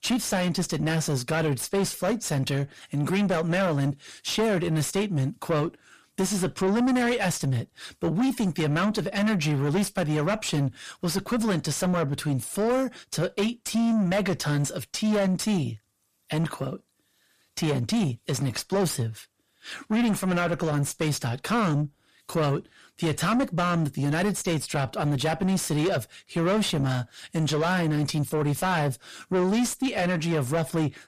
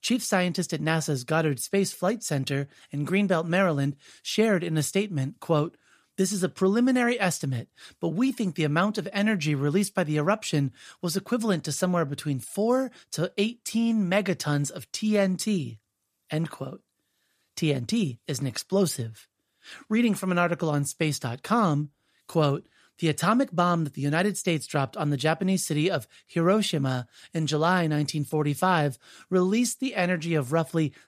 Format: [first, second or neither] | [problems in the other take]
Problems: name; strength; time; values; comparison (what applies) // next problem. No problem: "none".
second | distortion; heavy; 6 dB below the speech